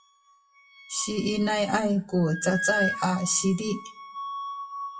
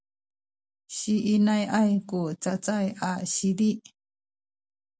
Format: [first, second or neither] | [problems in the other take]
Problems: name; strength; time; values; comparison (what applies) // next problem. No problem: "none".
second | noise reduction (classical method WPE with log-MMSE)